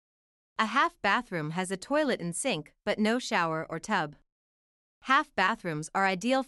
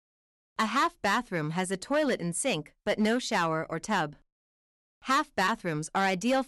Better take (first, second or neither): first